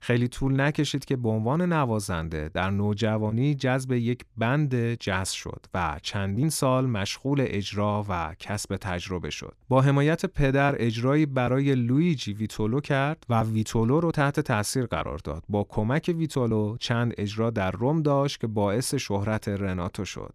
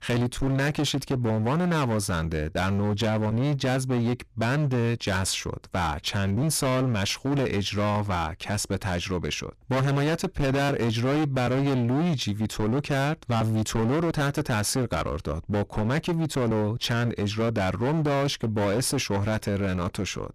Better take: first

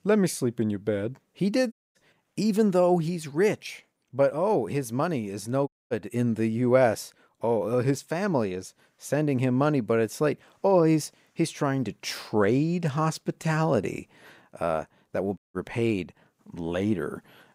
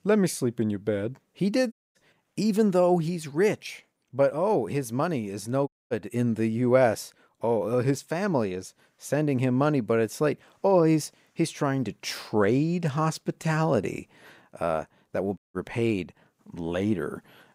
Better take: neither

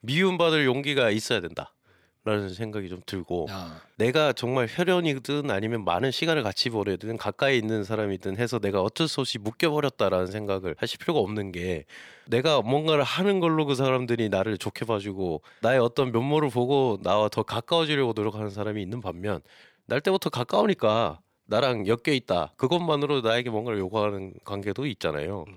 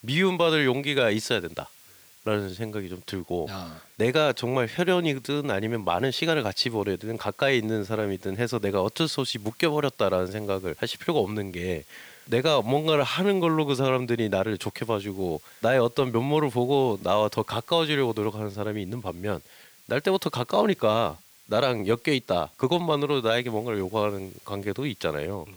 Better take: first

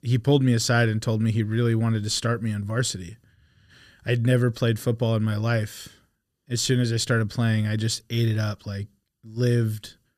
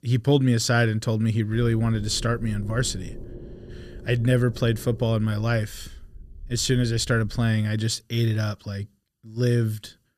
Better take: first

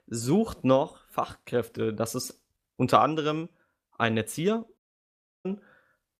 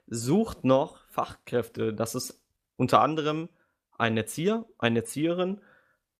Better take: second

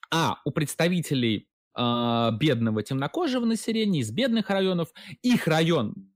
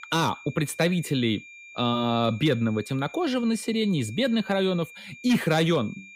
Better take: first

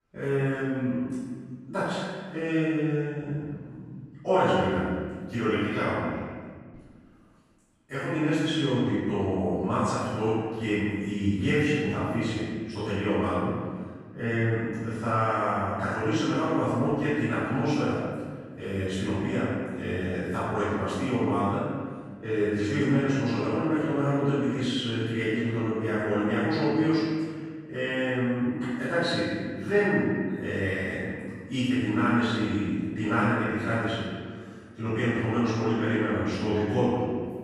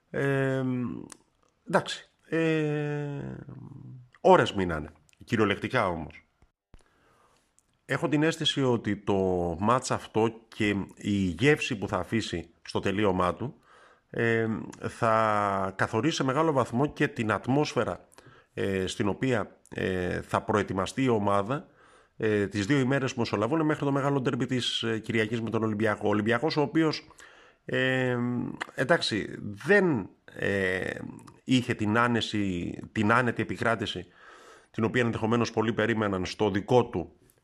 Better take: second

